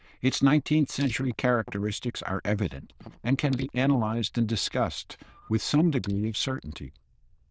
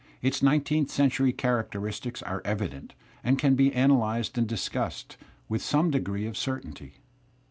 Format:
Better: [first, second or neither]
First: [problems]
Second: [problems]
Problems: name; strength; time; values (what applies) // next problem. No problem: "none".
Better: second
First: noise reduction (neural diffusion model UNIVERSE++)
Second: none